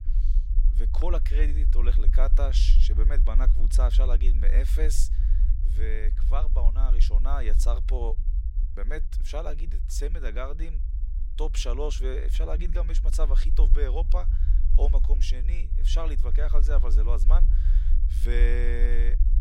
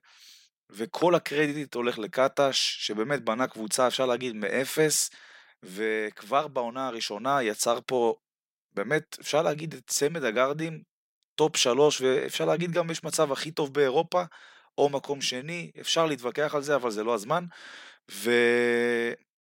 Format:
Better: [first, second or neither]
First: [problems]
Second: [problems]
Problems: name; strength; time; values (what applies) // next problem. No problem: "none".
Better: second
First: low rumble; noticeable; throughout; 10 dB below the speech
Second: none